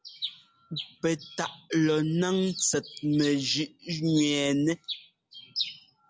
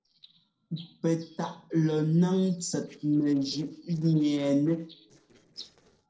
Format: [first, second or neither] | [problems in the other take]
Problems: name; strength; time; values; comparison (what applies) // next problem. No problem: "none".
first | noise reduction (neural separator model SepFormer DNS4)